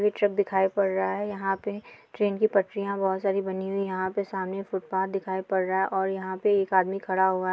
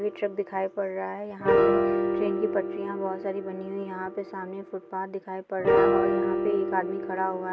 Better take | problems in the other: first | background sound (Piano); 4 dB above the speech

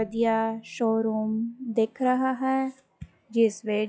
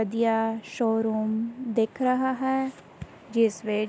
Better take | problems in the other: second | noise reduction (classical method log-MMSE)

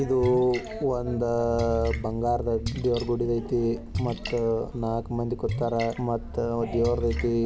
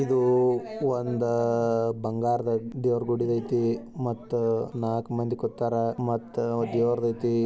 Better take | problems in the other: second | background sound (Splash, splatter); 8 dB below the speech

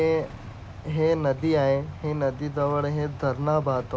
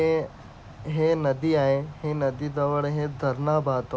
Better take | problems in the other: second | background sound (Idling / Engine starting / Motorcycle / Accelerating, revving, vroom); 16 dB below the speech

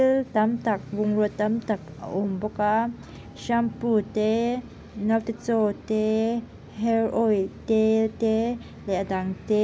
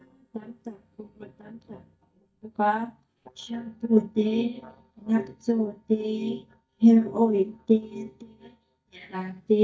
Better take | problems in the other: first | noise reduction (neural mask model DeepFilterNet 3)

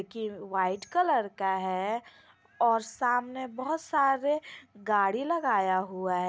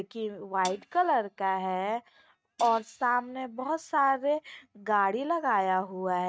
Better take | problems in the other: first | noise reduction (neural mask model RNNoise)

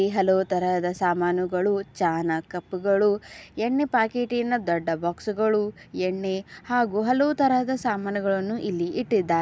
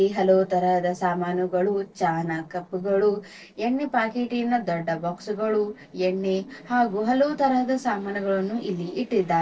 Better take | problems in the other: first | noise reduction (neural separator model SepFormer DNS4)

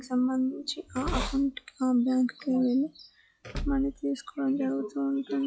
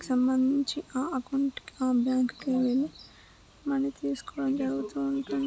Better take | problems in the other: second | noise reduction (classical method log-MMSE)

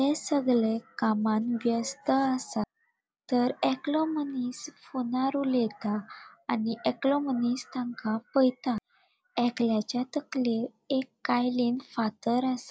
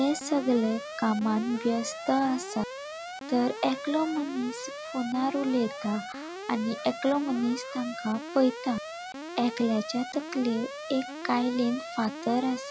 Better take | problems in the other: first | background sound (Alarm); 10 dB below the speech

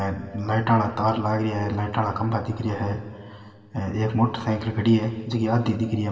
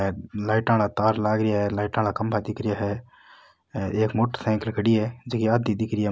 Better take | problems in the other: second | room echo; dies away in 2.2 s

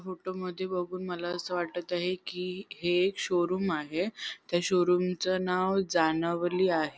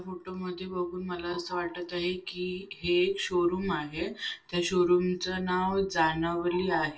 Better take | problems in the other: first | room echo; dies away in 0.2 s

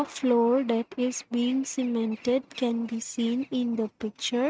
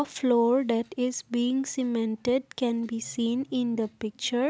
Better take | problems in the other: second | noise reduction (neural mask model RNNoise)

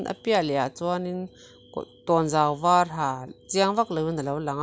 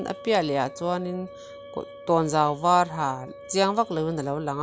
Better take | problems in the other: first | background sound (Wind instrument, woodwind instrument); 18 dB below the speech

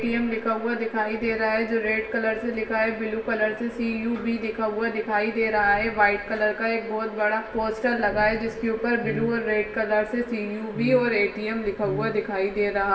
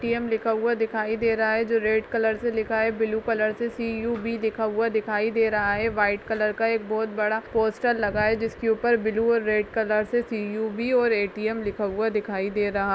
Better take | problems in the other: second | background sound (Brass instrument); 13 dB below the speech // room echo; dies away in 0.8 s

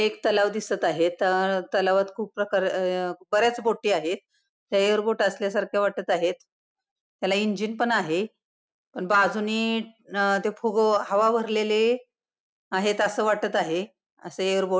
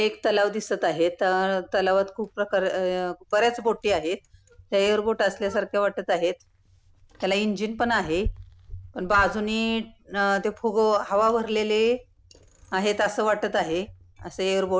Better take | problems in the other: first | background sound (Bicycle); 19 dB below the speech

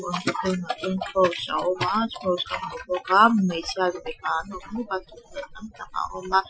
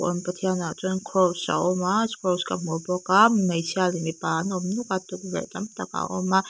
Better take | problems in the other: second | noise reduction (classical method Wiener filter)

